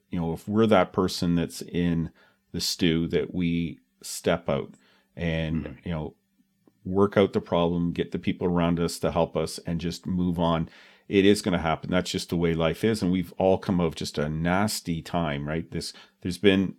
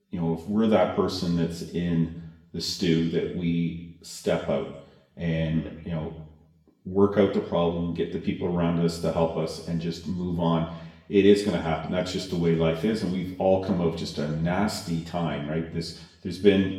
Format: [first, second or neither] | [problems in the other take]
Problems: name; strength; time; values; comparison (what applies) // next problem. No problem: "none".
first | room echo; noticeable; dies away in 0.8 s // off-mic speech; far